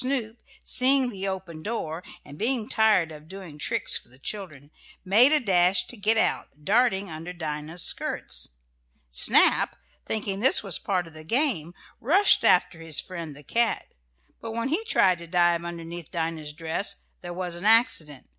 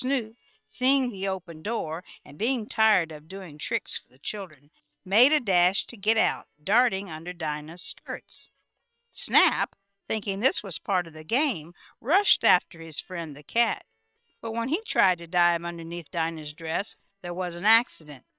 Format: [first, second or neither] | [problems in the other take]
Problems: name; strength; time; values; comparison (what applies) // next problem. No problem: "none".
first | noise reduction (neural separator model SepFormer WHAM!)